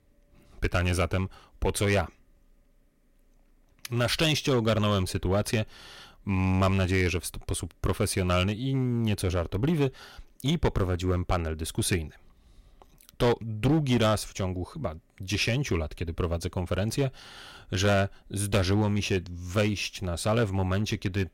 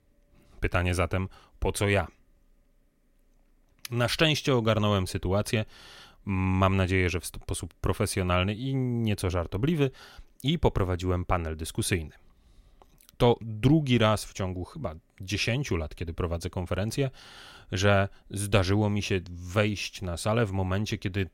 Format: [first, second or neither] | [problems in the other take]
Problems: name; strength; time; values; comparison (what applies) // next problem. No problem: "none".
second | distortion; slight; 4% of the sound clipped